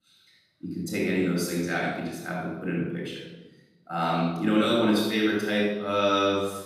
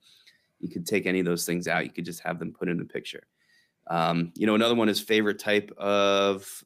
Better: second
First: off-mic speech; far // room echo; strong; dies away in 1 s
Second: none

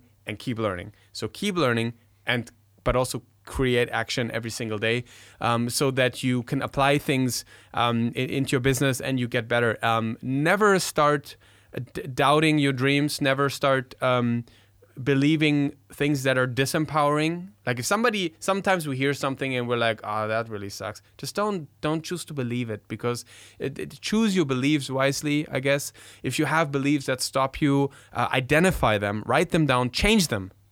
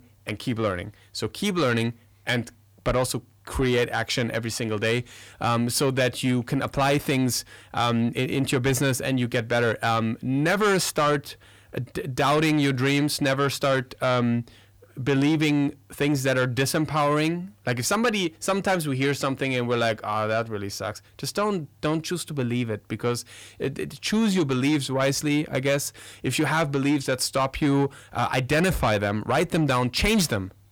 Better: first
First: none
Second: distortion; slight; 10 dB below the speech

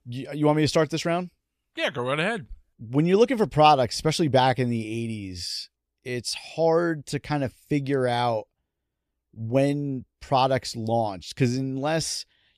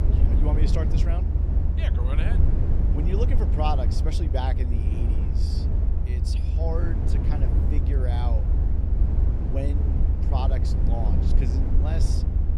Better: first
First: none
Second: low rumble; loud; throughout; 3 dB below the speech

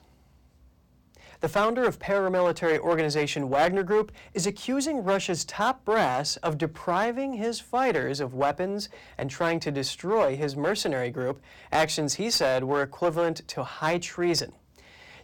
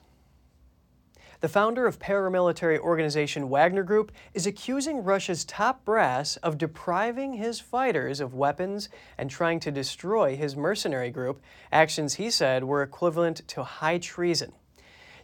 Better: second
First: distortion; slight; 5% of the sound clipped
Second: none

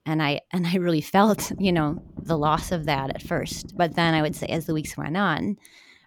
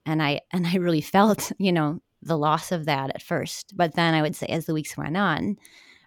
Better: second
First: low rumble; faint; from 1.5 to 5 s; 20 dB below the speech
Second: none

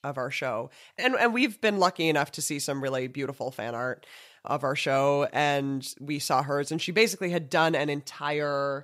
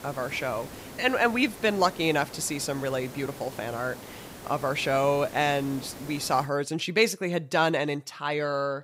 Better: first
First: none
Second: hiss; noticeable; until 6.5 s; 15 dB below the speech

